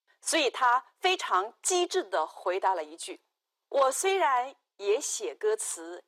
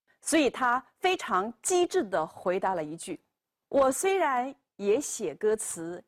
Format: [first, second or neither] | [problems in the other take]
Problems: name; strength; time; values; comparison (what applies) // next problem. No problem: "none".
second | thin; very; fading below 350 Hz